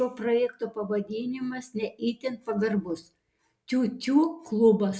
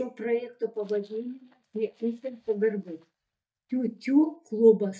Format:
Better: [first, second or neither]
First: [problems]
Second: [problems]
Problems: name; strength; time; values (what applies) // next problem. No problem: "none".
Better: first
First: none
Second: noise reduction (neural mask model DeepFilterNet 3)